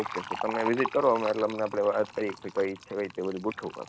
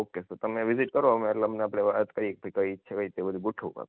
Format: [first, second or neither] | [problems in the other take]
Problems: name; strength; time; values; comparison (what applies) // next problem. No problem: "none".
second | background sound (Fill (with liquid)); 10 dB below the speech